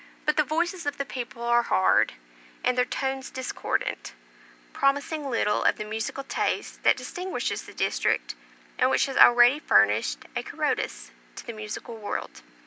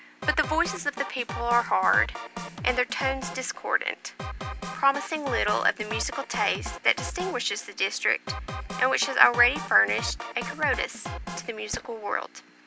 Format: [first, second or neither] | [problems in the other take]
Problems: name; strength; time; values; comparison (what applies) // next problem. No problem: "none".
first | background sound (Drum kit + Tools); 9 dB below the speech